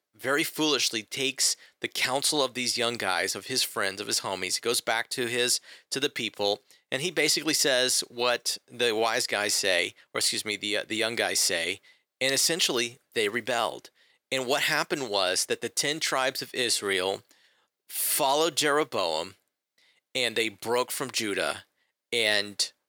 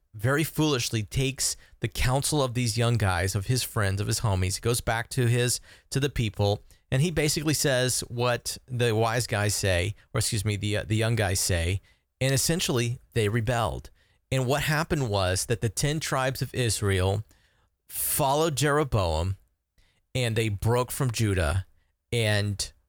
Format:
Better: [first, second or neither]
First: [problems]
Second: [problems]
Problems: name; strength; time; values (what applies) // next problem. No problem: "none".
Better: second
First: thin; somewhat; fading below 250 Hz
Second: none